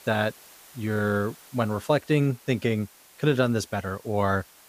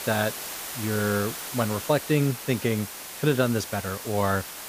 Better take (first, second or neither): first